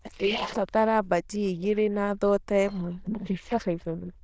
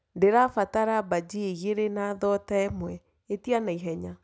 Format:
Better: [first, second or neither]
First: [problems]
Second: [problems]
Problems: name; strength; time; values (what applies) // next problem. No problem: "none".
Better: second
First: noise reduction (neural diffusion model UNIVERSE++)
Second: none